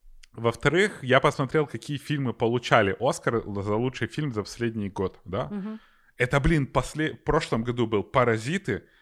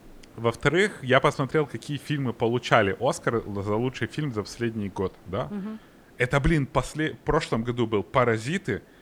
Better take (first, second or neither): first